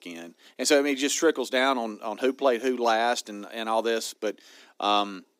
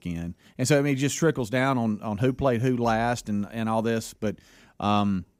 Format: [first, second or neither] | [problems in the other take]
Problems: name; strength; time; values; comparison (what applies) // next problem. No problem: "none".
second | thin; somewhat; fading below 300 Hz